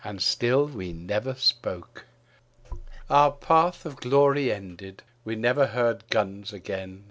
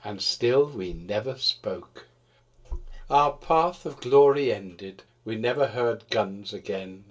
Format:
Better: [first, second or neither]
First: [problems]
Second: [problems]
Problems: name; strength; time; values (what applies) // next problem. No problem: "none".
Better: first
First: none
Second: room echo; dies away in 0.2 s